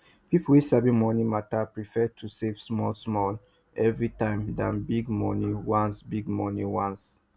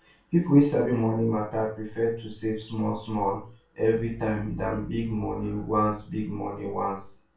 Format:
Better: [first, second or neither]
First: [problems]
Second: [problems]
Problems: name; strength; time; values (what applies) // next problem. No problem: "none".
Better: first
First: none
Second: room echo; dies away in 0.3 s